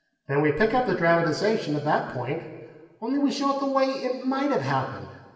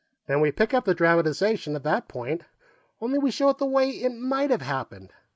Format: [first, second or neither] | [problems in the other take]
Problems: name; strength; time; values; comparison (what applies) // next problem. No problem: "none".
second | room echo; dies away in 1.4 s